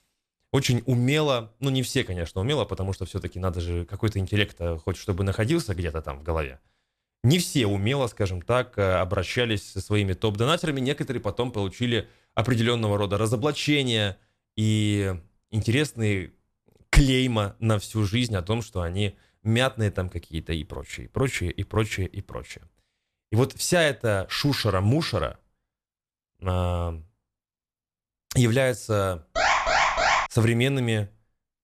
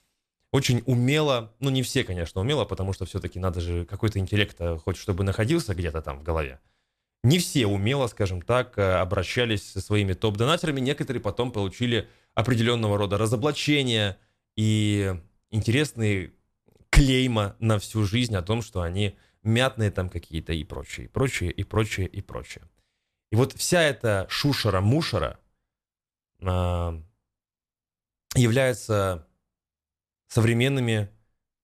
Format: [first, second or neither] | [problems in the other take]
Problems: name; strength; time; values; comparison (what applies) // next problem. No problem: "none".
second | alarm; loud; at 29 s; peak 5 dB above the speech